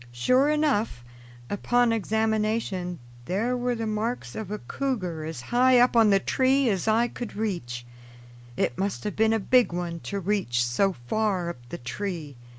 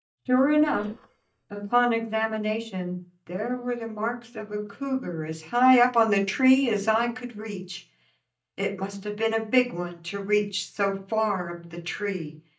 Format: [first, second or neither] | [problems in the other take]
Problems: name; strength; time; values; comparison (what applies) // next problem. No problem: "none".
first | noise reduction (neural mask model DeepFilterNet 3)